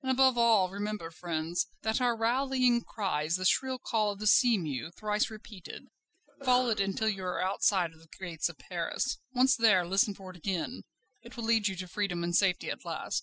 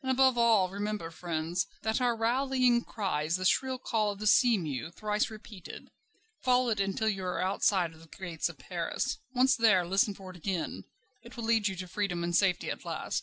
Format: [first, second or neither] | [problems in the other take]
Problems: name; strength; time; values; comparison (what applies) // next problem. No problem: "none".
second | noise reduction (classical method spectral subtraction)